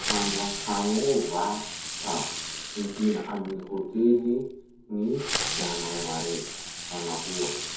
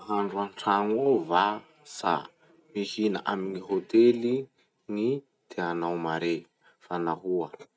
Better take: second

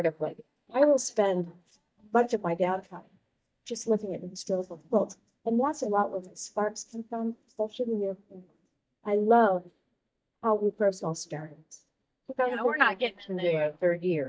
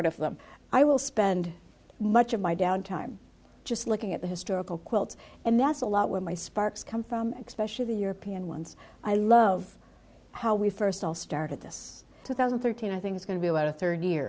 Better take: second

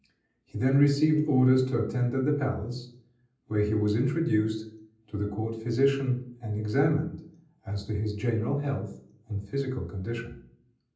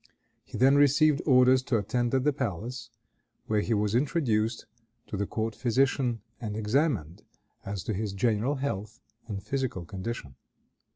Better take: second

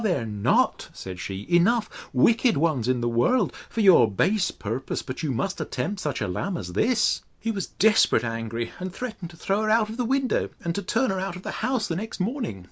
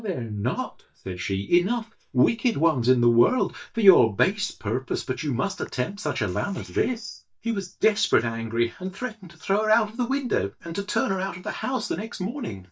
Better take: first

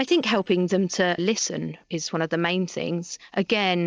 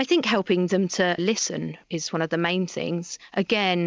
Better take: second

